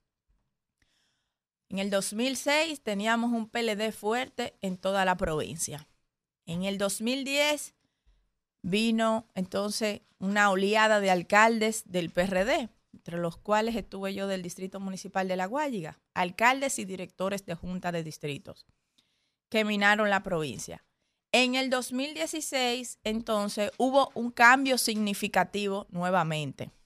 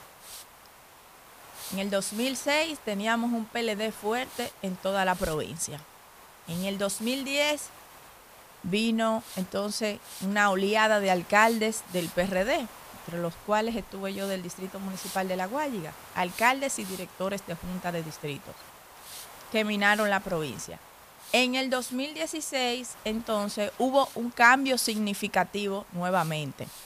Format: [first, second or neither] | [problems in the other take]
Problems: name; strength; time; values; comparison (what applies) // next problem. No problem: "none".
first | hiss; noticeable; throughout; 15 dB below the speech